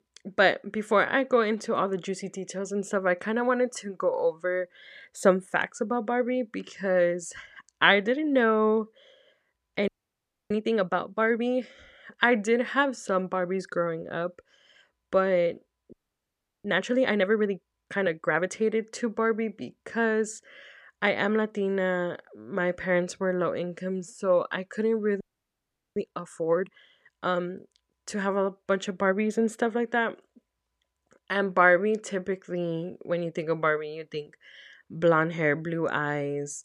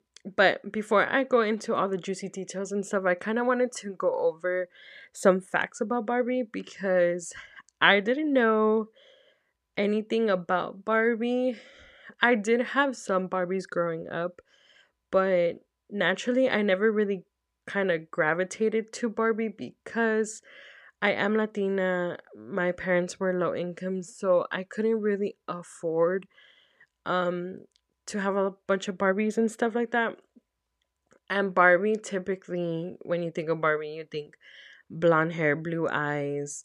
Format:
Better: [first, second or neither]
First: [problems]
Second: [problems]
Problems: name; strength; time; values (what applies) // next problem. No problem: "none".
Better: second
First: audio freezing; at 10 s for 0.5 s, at 16 s for 0.5 s and at 25 s for 1 s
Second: none